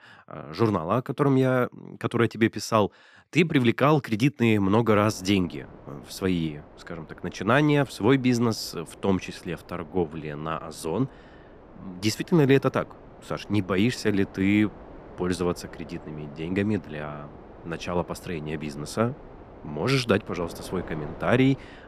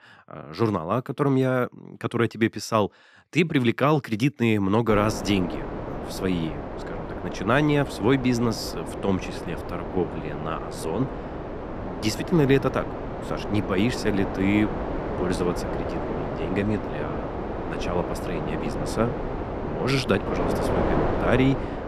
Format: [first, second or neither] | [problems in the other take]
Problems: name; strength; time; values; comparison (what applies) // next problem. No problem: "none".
first | wind noise on the microphone; heavy; from 5 s on; 5 dB below the speech; occasional gusts in the first